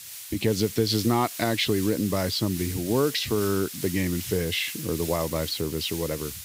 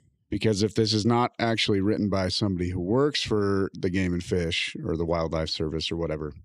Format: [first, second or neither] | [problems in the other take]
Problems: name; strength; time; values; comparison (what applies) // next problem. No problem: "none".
second | hiss; loud; throughout; 9 dB below the speech